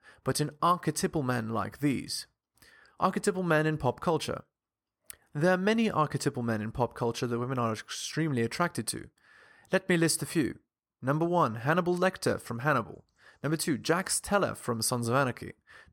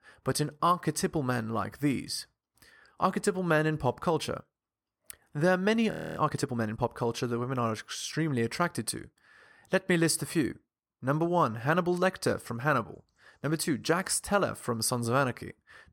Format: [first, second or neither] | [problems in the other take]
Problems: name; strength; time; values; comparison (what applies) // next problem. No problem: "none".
first | audio freezing; at 6 s